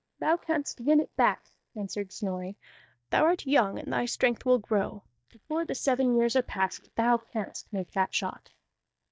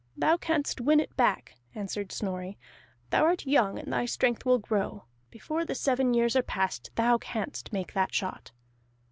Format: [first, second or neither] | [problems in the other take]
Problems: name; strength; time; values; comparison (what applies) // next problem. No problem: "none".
second | noise reduction (neural mask model DeepFilterNet 3)